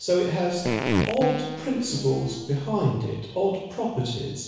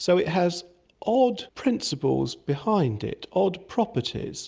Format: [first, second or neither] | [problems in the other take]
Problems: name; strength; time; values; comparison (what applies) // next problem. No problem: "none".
second | background sound (Fart); 3 dB below the speech // room echo; dies away in 1.1 s